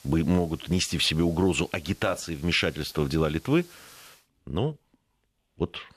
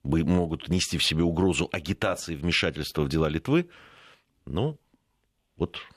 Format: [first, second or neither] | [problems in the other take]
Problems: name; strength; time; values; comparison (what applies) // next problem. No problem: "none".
second | hiss; faint; until 4 s; 25 dB below the speech